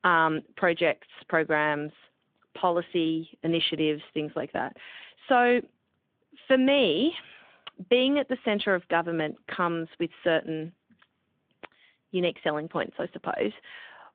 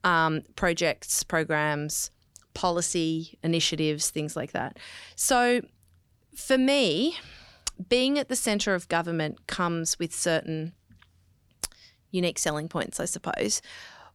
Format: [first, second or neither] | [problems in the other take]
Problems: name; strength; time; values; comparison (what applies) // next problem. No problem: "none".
second | phone-call audio